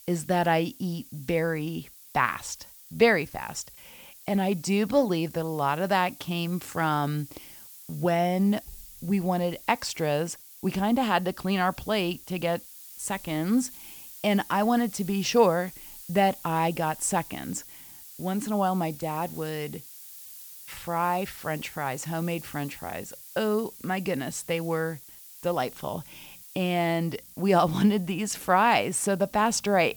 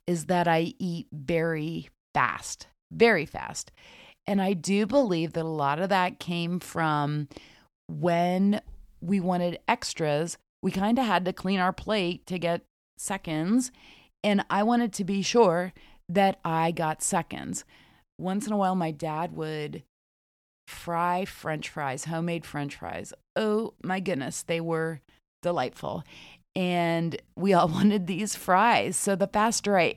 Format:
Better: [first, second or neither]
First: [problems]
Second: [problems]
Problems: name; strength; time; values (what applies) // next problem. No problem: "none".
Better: second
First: hiss; noticeable; throughout; 15 dB below the speech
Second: none